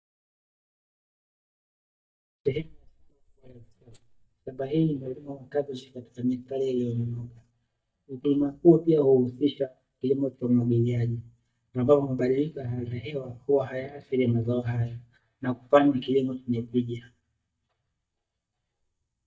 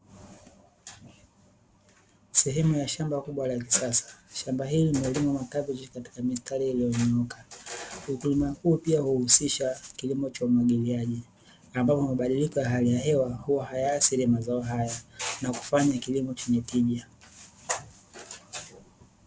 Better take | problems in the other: second | noise reduction (neural mask model DeepFilterNet 3)

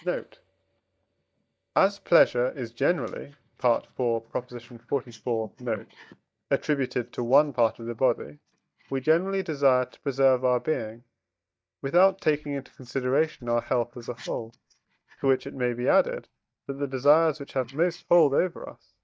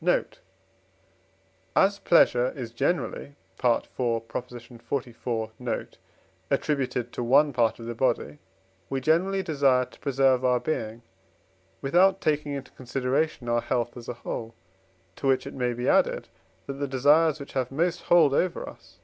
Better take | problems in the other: second | noise reduction (neural mask model DeepFilterNet 3)

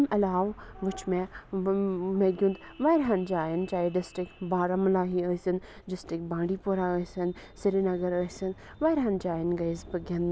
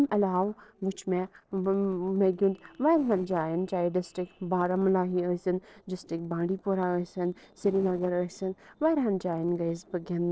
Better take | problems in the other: first | noise reduction (neural separator model SepFormer DNS4)

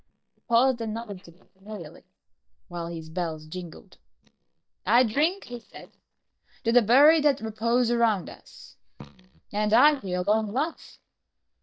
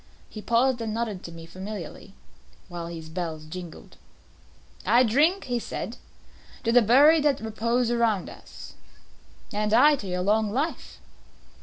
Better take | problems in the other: second | noise reduction (neural mask model DeepFilterNet 3)

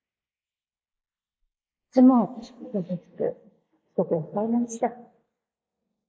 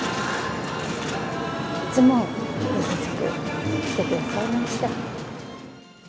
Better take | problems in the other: second | noise reduction (neural mask model Resemble Enhance denoiser)

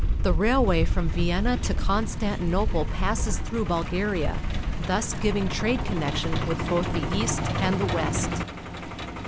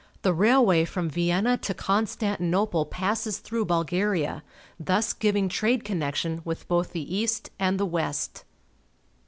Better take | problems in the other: second | background sound (Truck); 2 dB above the speech

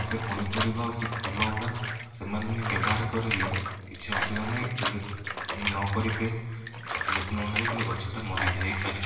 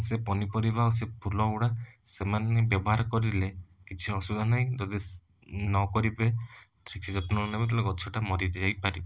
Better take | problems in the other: second | background sound (Bathtub (filling or washing) / Water); 3 dB below the speech // room echo; dies away in 1.3 s

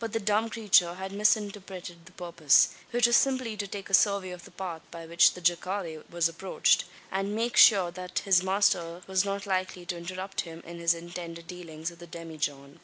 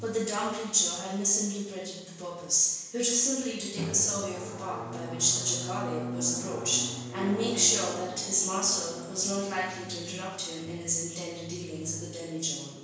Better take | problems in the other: first | background sound (Drum); 11 dB below the speech // room echo; dies away in 1 s

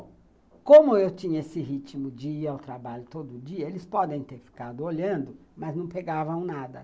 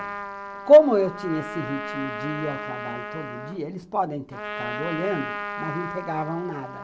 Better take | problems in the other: first | background sound (Trumpet); 9 dB below the speech

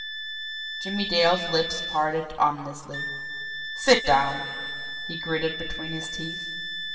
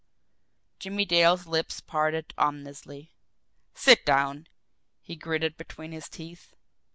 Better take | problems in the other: second | background sound (Wind instrument, woodwind instrument); 7 dB below the speech // room echo; dies away in 1.9 s

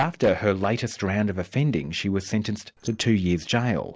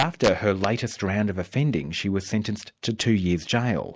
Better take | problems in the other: second | noise reduction (neural separator model SepFormer DNS4)

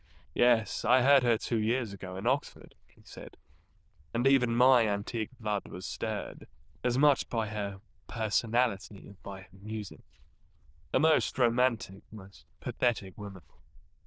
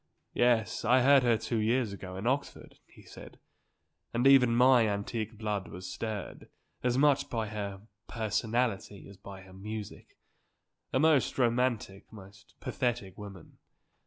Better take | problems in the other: second | noise reduction (neural diffusion model UNIVERSE++)

